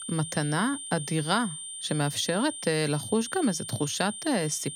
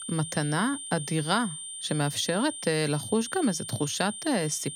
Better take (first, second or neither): neither